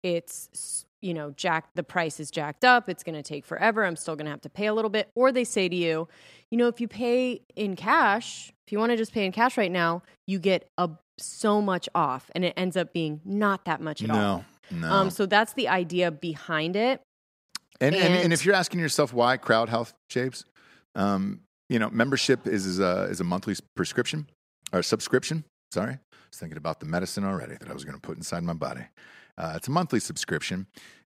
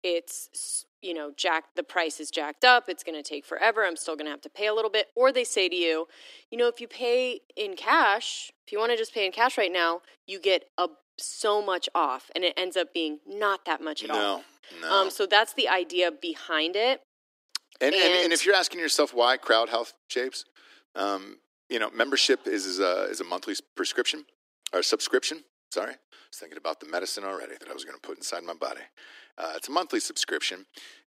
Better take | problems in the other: first | thin; somewhat; fading below 300 Hz

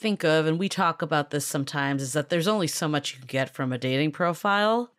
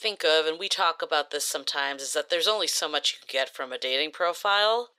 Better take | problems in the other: first | thin; very; fading below 450 Hz

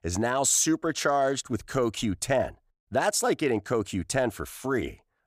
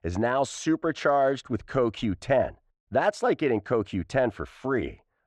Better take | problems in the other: first | muffled; very; fading above 3 kHz

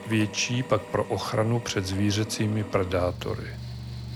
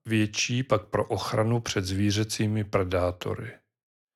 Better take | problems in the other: second | machinery noise; noticeable; throughout; 10 dB below the speech

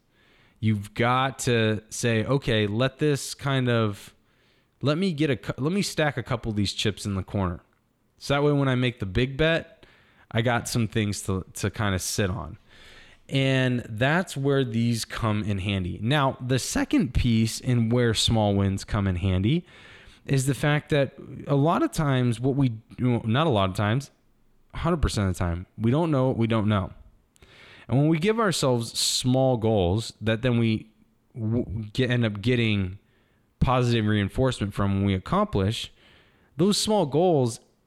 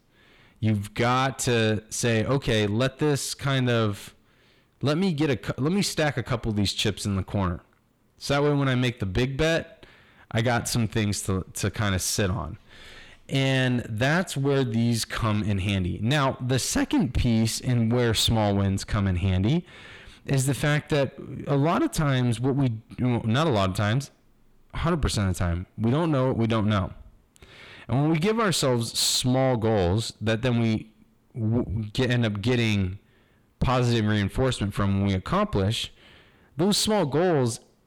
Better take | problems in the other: first | distortion; slight; 10 dB below the speech

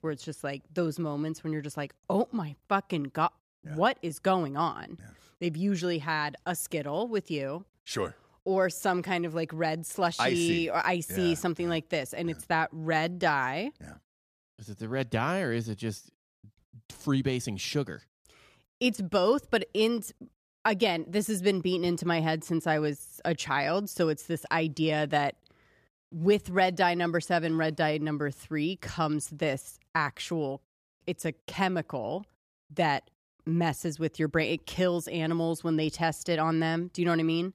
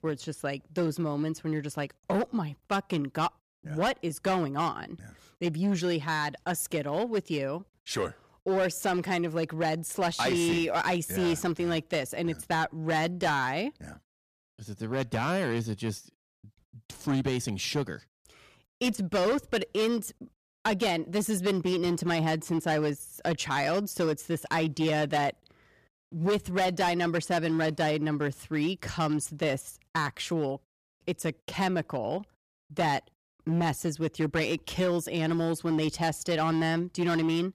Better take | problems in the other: first | distortion; slight; 8% of the sound clipped

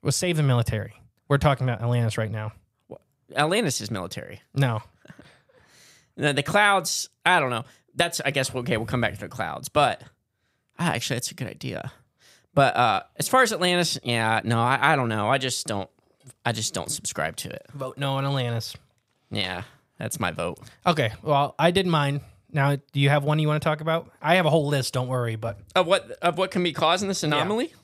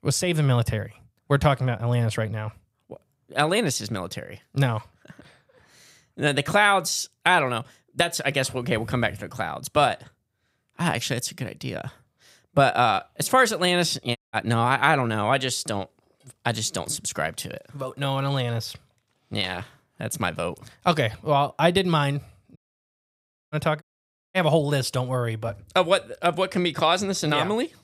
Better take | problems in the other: first | audio cutting out; at 14 s, at 23 s for 1 s and at 24 s for 0.5 s

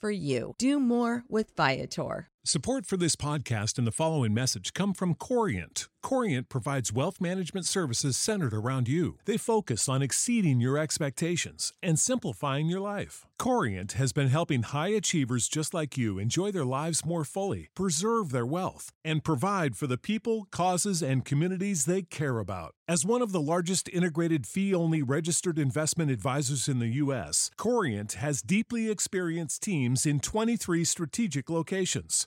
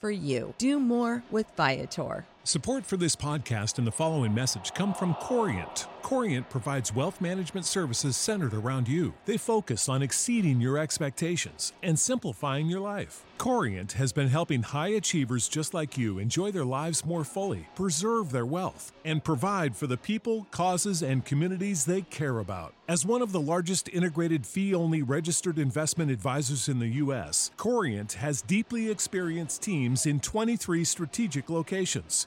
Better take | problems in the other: first | crowd noise; faint; throughout; 20 dB below the speech

